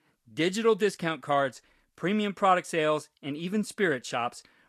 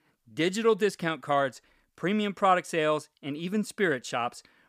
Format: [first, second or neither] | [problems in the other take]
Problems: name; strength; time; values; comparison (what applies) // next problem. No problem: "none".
second | garbled, watery; slightly; nothing above 12.5 kHz